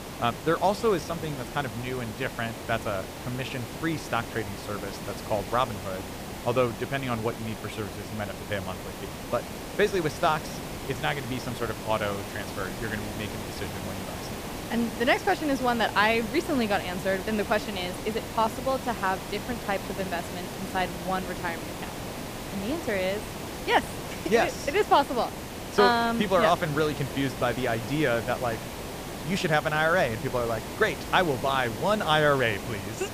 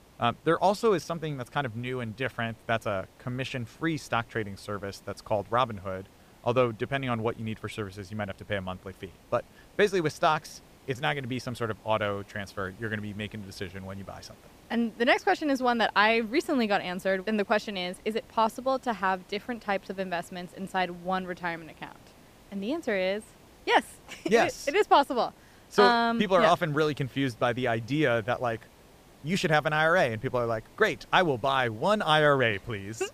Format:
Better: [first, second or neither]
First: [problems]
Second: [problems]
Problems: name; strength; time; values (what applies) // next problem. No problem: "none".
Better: second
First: hiss; loud; throughout; 8 dB below the speech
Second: hiss; faint; throughout; 25 dB below the speech